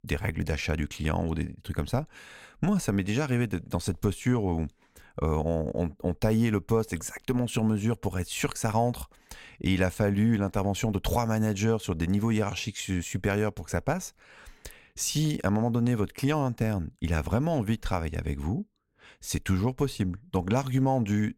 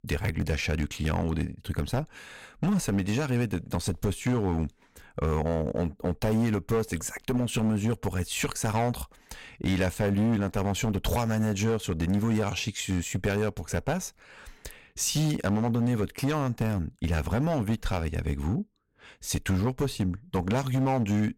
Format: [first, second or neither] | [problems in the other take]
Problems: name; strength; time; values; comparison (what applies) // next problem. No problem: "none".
first | distortion; slight; 9% of the sound clipped